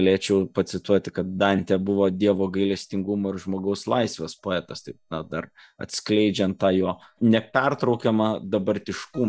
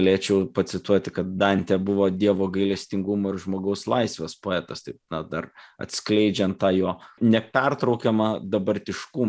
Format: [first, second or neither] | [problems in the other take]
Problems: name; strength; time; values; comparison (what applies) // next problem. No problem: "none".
second | noise reduction (neural mask model DeepFilterNet 3)